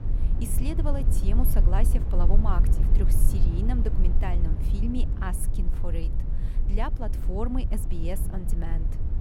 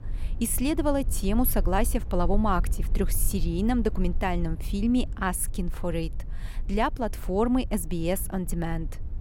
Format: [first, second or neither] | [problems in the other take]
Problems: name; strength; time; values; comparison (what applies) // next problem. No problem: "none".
second | low rumble; loud; throughout; 6 dB below the speech; faint in the second